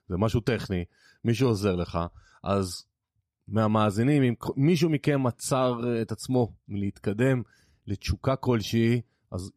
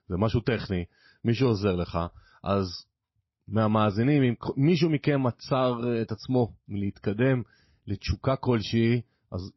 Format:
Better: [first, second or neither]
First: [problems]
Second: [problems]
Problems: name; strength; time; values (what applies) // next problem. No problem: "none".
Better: first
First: none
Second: garbled, watery; slightly; nothing above 5.5 kHz